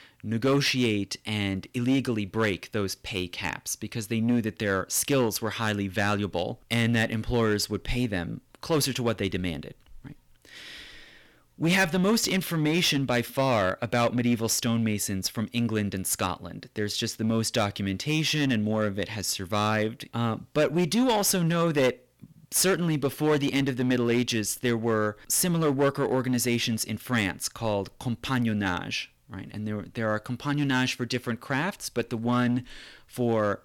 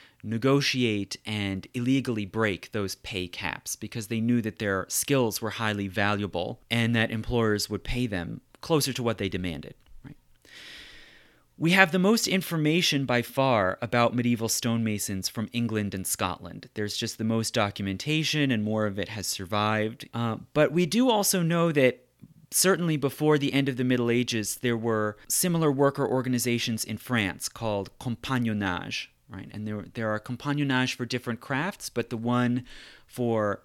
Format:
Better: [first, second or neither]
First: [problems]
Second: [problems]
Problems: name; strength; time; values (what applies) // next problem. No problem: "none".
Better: second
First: distortion; slight; 6% of the sound clipped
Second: none